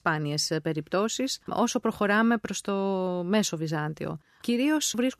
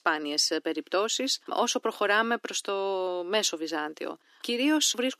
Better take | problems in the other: first | thin; somewhat; fading below 300 Hz

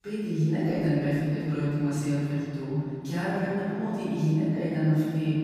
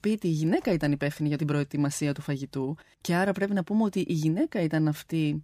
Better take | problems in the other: second | off-mic speech; far // room echo; strong; dies away in 3 s

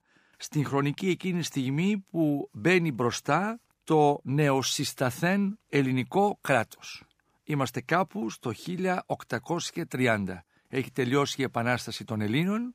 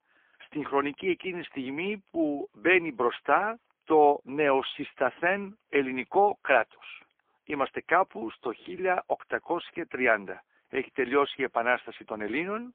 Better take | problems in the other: first | phone-call audio; poor line; nothing above 3.5 kHz

